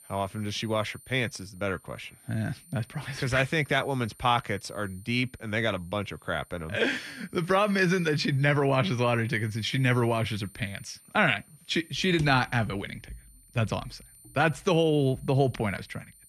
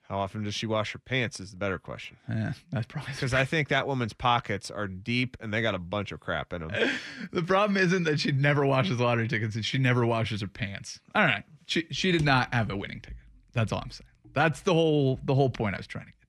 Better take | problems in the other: second | high-pitched whine; faint; throughout; 9 kHz, 25 dB below the speech

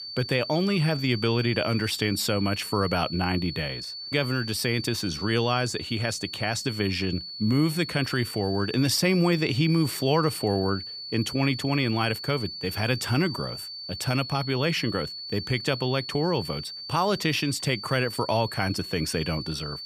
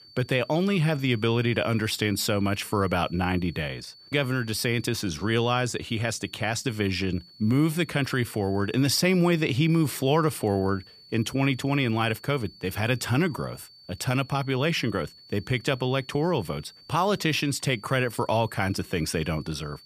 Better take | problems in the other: second | high-pitched whine; loud; throughout; 4.5 kHz, 8 dB below the speech; faint in the second

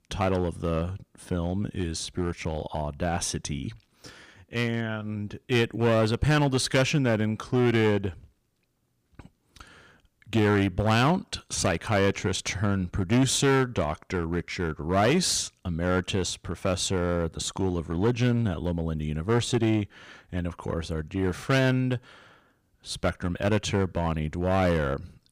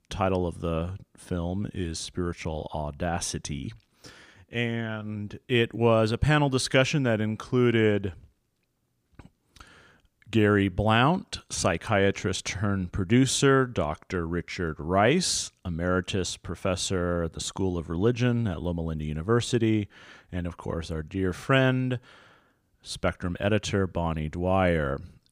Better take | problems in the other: second | distortion; slight; 5% of the sound clipped

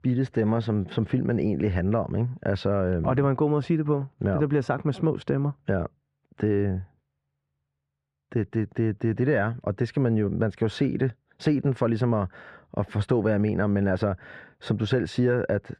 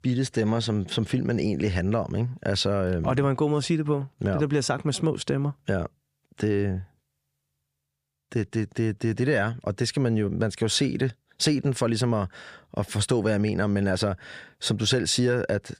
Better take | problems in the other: second | muffled; very; fading above 3.5 kHz

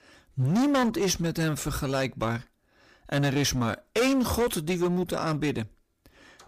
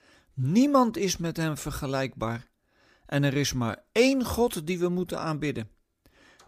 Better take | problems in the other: second | distortion; heavy; 12% of the sound clipped

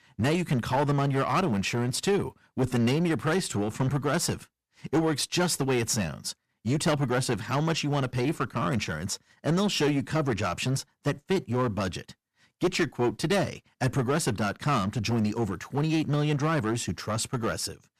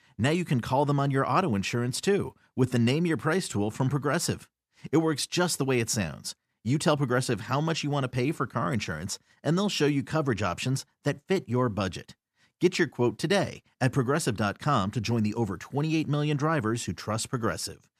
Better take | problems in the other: second | distortion; slight; 8% of the sound clipped

